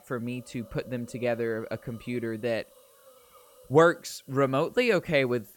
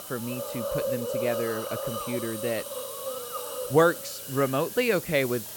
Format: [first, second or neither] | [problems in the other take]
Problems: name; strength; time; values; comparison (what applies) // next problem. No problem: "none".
first | hiss; loud; throughout; 5 dB below the speech; faint in the first